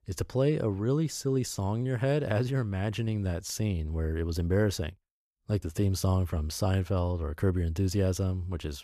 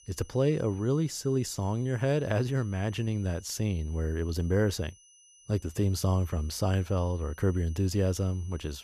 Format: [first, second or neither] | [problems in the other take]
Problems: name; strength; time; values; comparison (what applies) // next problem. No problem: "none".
first | high-pitched whine; faint; throughout; 6 kHz, 25 dB below the speech